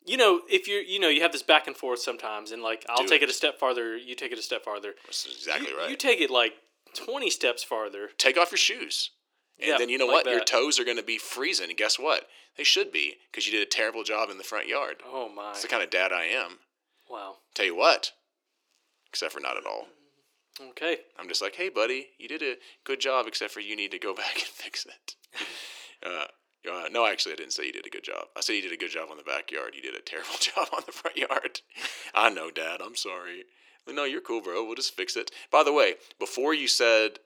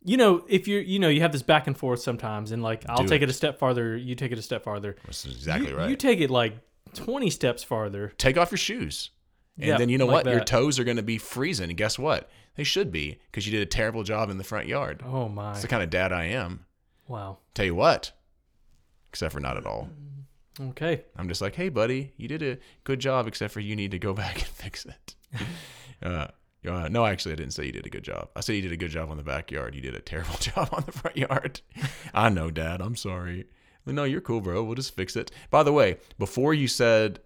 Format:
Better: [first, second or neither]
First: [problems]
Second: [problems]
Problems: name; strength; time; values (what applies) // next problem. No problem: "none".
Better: second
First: thin; very; fading below 300 Hz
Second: none